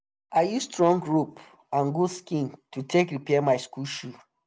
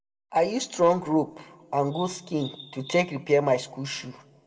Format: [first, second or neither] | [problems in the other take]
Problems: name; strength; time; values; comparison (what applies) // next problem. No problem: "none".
first | background sound (Bird vocalization, bird call, bird song); 20 dB below the speech // room echo; dies away in 0.7 s